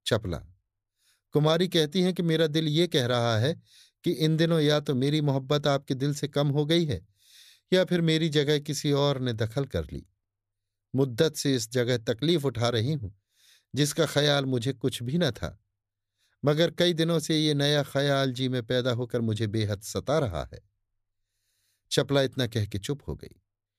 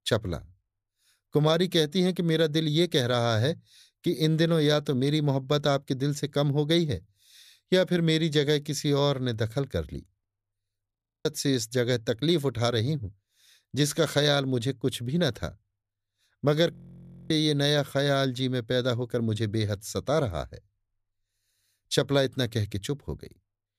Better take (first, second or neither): first